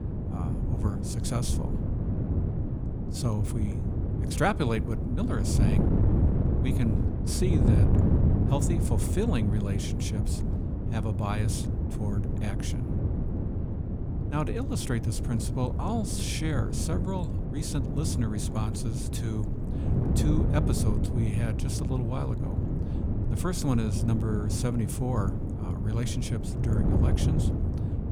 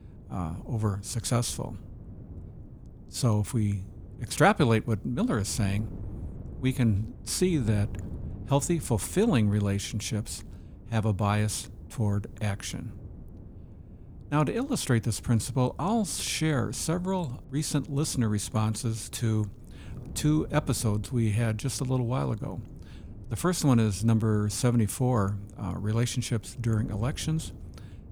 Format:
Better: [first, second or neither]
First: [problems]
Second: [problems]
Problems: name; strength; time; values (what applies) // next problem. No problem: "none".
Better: second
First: wind noise on the microphone; heavy; 3 dB below the speech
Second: wind noise on the microphone; occasional gusts; 20 dB below the speech